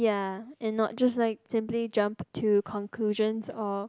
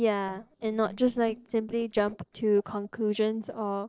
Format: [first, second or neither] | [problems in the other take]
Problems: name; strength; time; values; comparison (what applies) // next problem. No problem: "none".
first | noise reduction (neural separator model SepFormer DNS4)